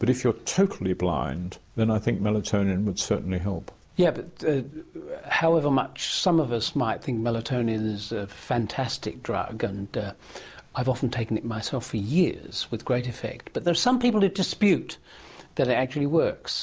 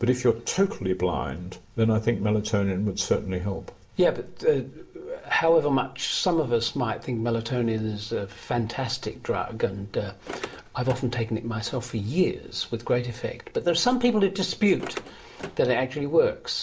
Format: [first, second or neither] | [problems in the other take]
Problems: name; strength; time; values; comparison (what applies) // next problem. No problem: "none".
first | background sound (Car); 13 dB below the speech // room echo; dies away in 0.3 s